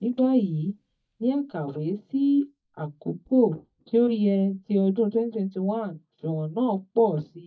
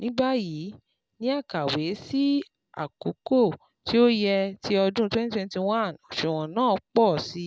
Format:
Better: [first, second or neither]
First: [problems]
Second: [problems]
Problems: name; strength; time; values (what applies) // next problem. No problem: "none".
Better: second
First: noise reduction (neural mask model DeepFilterNet 3)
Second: none